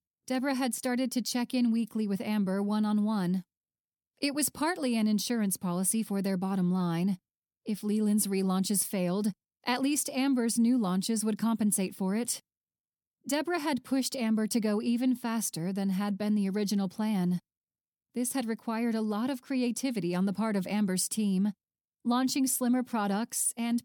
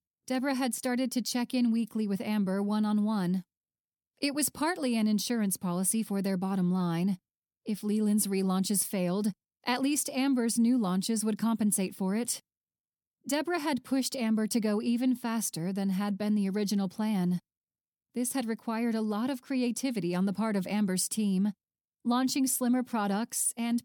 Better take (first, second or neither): neither